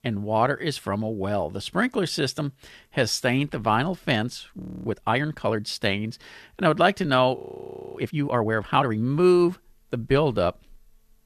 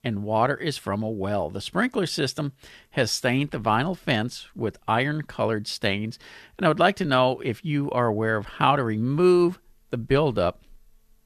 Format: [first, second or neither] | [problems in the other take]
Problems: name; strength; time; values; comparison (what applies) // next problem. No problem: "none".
second | audio freezing; at 4.5 s and at 7.5 s for 0.5 s